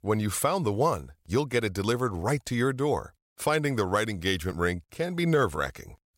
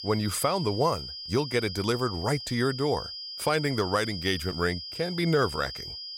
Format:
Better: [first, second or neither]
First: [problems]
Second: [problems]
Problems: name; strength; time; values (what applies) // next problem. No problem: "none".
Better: first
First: none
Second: high-pitched whine; loud; throughout; 5 kHz, 8 dB below the speech